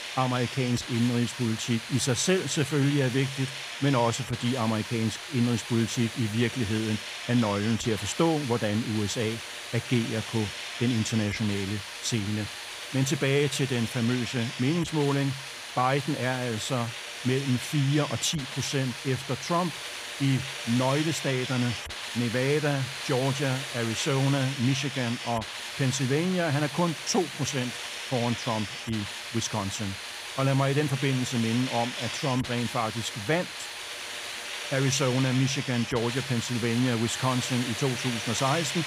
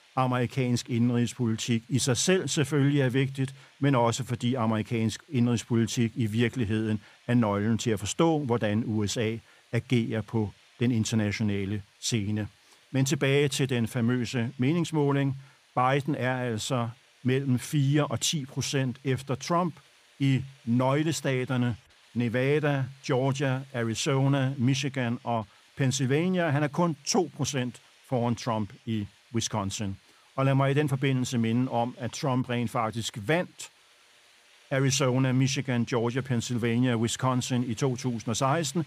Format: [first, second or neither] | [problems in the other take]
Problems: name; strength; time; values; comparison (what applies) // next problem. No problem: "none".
second | hiss; loud; throughout; 6 dB below the speech; faint in the second